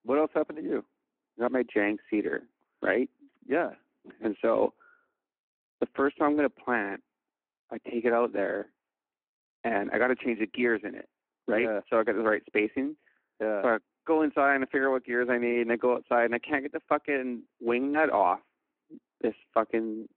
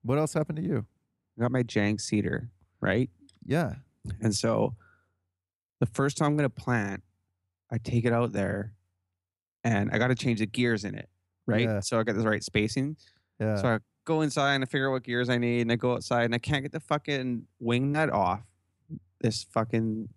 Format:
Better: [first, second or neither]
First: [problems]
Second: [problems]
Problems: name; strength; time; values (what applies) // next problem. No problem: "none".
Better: second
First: phone-call audio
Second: none